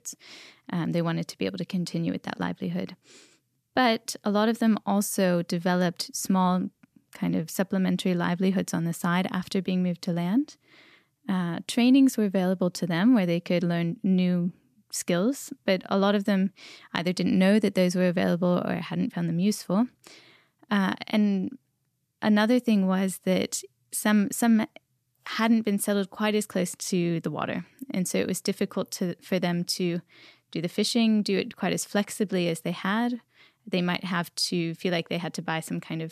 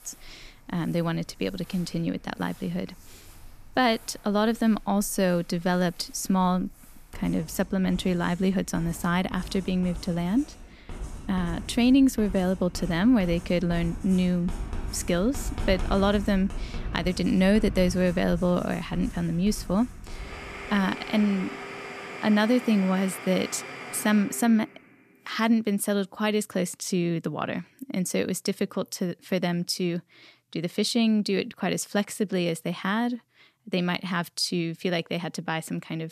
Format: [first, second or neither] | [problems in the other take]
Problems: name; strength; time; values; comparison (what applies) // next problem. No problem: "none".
first | household noises; noticeable; until 24 s; 15 dB below the speech